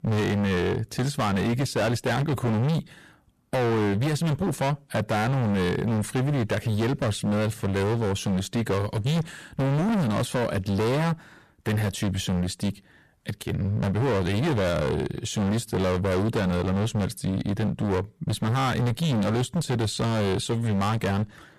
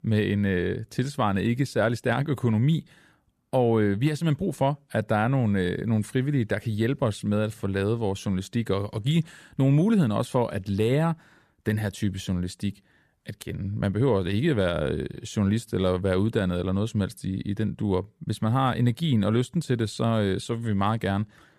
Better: second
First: distortion; heavy; 31% of the sound clipped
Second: none

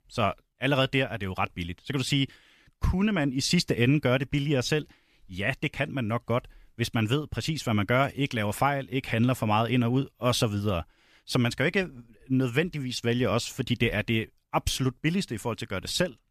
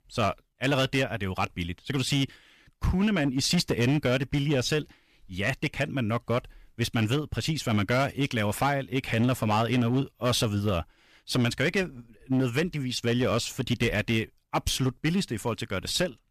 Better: first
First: none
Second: distortion; slight; 7% of the sound clipped

